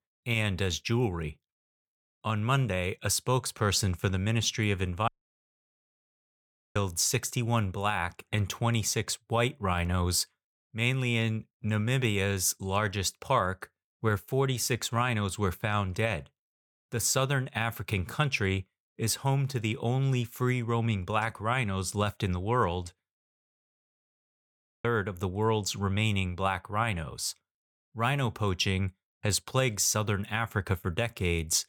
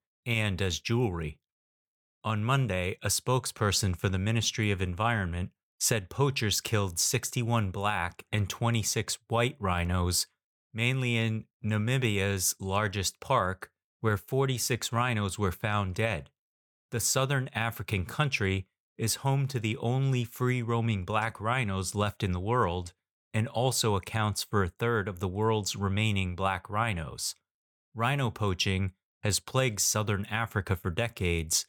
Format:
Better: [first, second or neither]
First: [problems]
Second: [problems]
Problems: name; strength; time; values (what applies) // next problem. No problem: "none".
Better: second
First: audio cutting out; at 5 s for 1.5 s and at 23 s for 1.5 s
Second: none